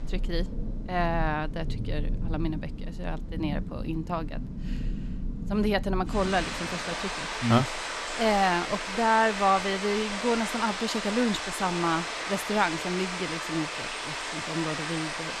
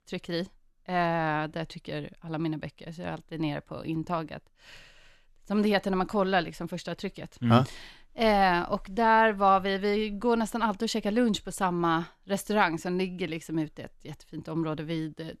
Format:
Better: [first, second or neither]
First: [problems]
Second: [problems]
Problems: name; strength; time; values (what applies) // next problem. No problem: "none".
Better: second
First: rain or running water; loud; throughout; 4 dB below the speech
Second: none